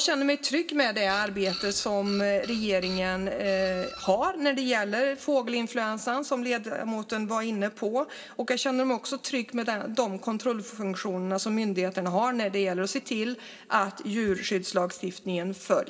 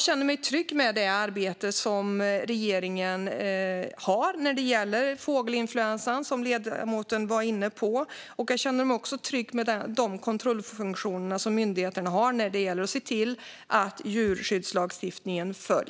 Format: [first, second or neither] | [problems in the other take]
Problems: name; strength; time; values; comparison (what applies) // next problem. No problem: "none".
second | background sound (Printer); 13 dB below the speech // room echo; dies away in 1.7 s